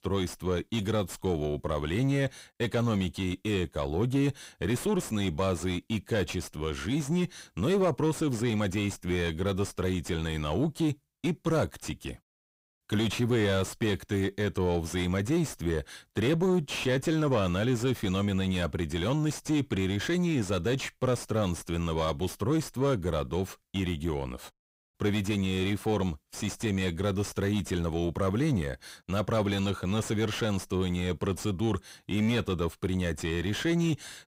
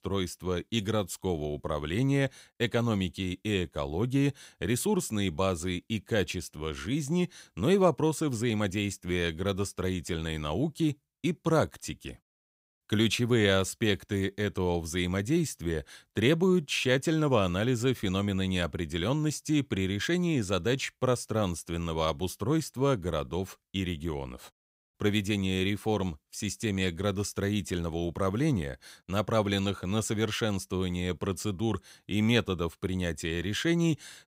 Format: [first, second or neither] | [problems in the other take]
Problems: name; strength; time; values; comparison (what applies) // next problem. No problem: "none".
second | distortion; slight; 10 dB below the speech